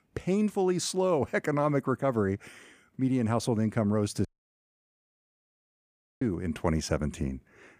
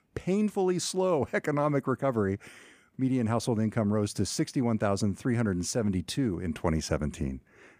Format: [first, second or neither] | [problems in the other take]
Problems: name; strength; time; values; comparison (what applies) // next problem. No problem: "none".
second | audio cutting out; at 4.5 s for 2 s